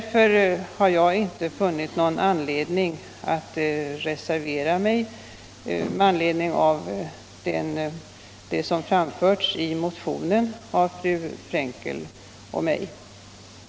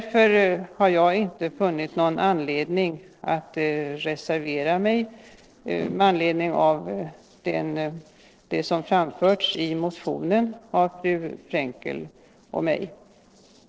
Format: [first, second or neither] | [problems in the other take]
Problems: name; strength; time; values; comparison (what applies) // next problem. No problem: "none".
first | noise reduction (neural separator model SepFormer DNS4)